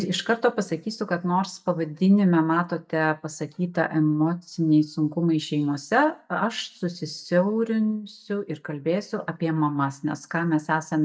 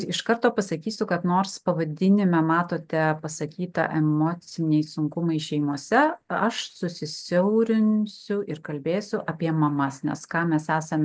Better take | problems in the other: second | noise reduction (neural mask model DeepFilterNet 3)

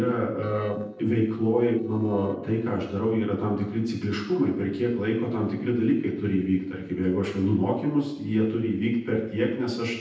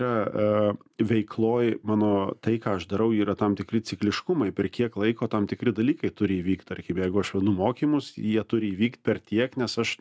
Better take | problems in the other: second | noise reduction (neural separator model SepFormer DNS4)

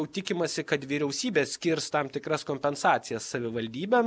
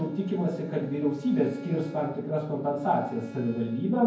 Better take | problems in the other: first | background sound (Bowed string instrument); 18 dB below the speech // room echo; dies away in 0.9 s

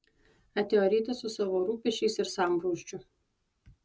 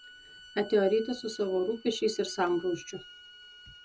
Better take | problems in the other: first | background sound (Bowed string instrument); 20 dB below the speech

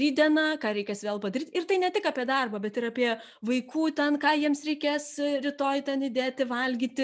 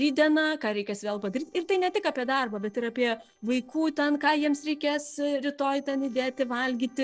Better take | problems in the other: first | noise reduction (neural separator model SepFormer DNS4)

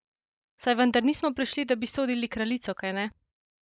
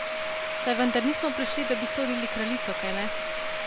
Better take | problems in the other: first | background sound (Domestic sounds, home sounds); as loud as the speech

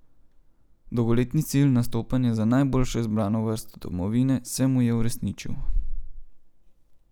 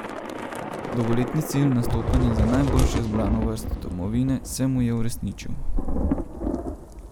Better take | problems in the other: first | background sound (Thunder / Rain); 3 dB below the speech

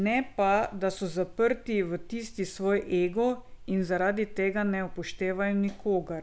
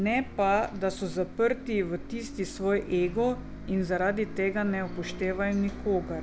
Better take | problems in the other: first | background sound (Bus); 13 dB below the speech

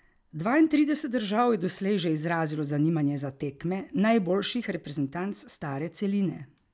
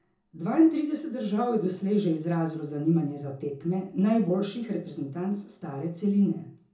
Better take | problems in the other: first | room echo; dies away in 0.6 s

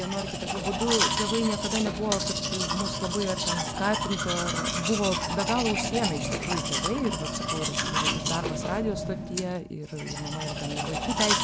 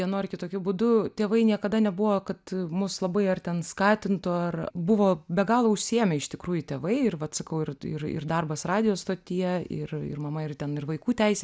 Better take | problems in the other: second | background sound (Domestic sounds, home sounds); 1 dB above the speech

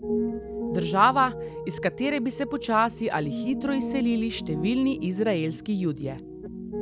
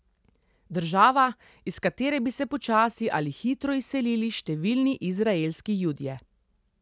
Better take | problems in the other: second | background sound (Piano); 7 dB below the speech

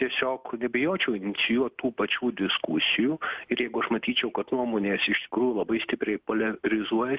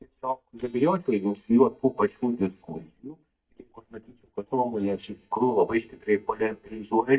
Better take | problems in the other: first | noise reduction (neural mask model DeepFilterNet 3)

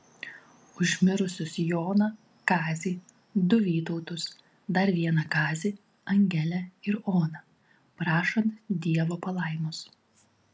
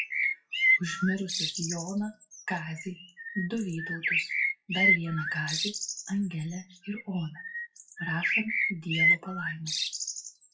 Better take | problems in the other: first | noise reduction (classical method WPE with log-MMSE)

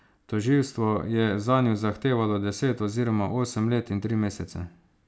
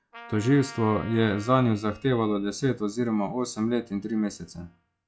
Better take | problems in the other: first | noise reduction (classical method log-MMSE)

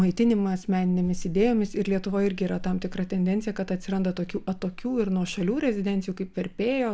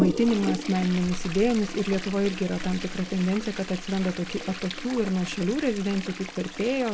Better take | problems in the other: first | background sound (Toilet flush); 9 dB below the speech

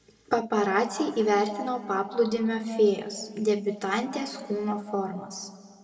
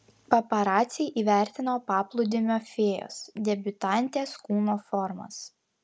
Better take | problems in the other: second | room echo; dies away in 1.5 s

